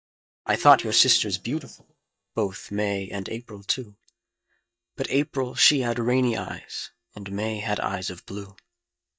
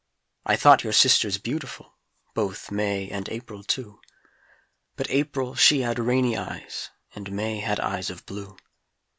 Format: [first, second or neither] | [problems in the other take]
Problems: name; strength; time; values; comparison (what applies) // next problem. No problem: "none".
second | noise reduction (neural mask model DeepFilterNet 3)